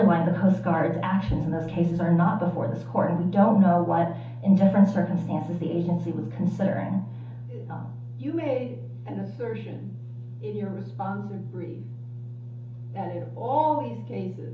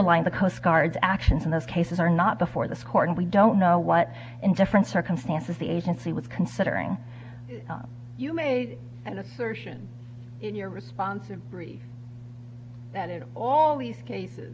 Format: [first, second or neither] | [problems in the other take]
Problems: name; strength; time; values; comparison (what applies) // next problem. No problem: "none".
second | room echo; dies away in 1.2 s